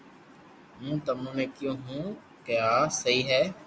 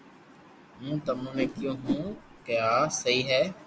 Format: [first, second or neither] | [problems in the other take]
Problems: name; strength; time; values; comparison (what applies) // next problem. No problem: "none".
first | background sound (Whoosh, swoosh, swish); 5 dB below the speech